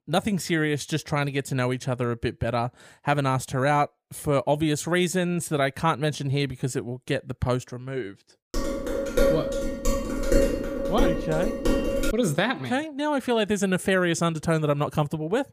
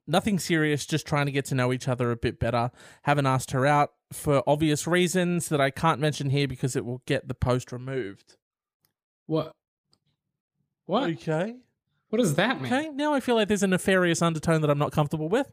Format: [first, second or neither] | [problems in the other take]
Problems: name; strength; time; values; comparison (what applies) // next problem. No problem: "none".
second | clattering dishes; loud; from 8.5 to 12 s; peak 3 dB above the speech